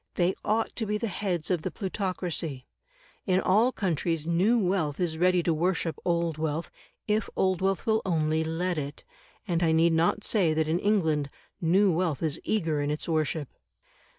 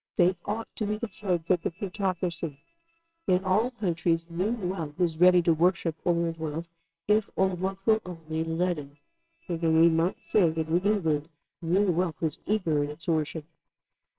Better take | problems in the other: first | noise reduction (neural separator model SepFormer WHAMR!)

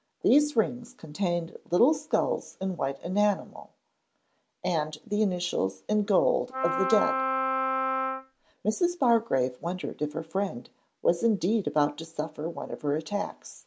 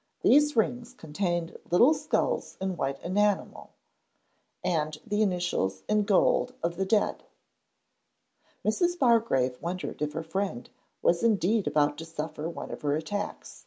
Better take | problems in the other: second | background sound (Wind instrument, woodwind instrument); 1 dB below the speech

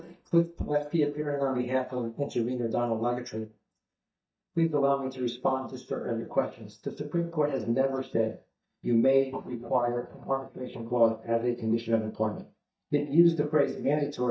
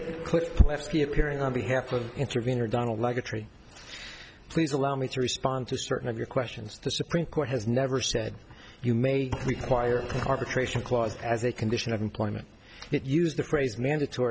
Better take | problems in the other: second | noise reduction (neural mask model DeepFilterNet 3)

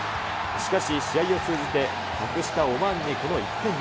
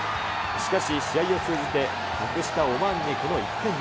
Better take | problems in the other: first | background sound (Crowd); 8 dB below the speech

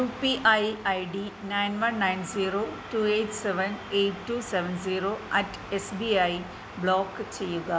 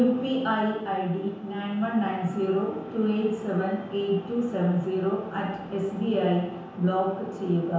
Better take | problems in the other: first | room echo; dies away in 0.9 s

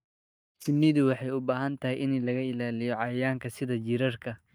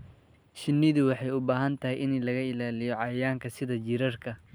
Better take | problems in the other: second | noise reduction (neural mask model DeepFilterNet 3)

